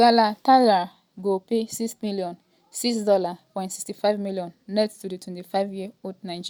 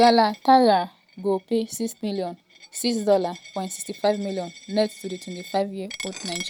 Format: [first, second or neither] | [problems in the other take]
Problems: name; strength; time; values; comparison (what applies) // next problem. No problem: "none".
first | background sound (Coin (dropping)); 19 dB below the speech